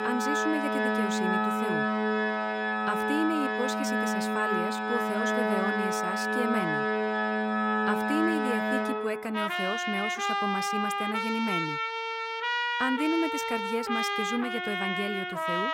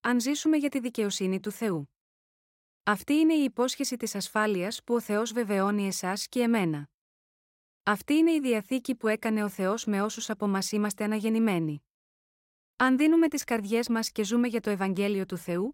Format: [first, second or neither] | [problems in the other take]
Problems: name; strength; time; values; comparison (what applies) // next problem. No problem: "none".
second | background music; very loud; throughout; 4 dB above the speech